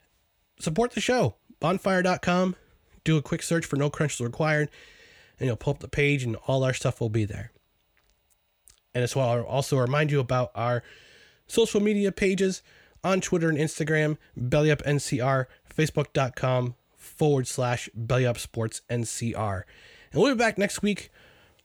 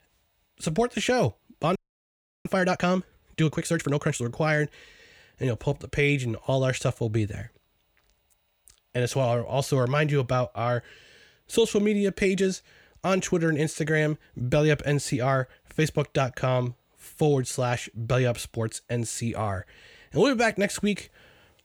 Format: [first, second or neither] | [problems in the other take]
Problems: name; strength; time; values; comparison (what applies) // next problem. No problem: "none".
first | audio freezing; at 2 s for 0.5 s